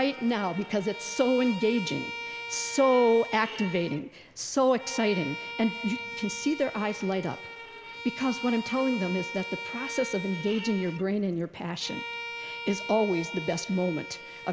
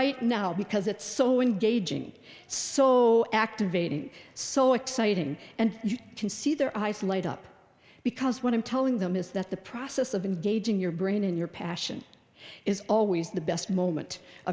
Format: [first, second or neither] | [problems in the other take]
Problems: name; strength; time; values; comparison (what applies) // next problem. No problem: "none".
second | background sound (Bowed string instrument); 10 dB below the speech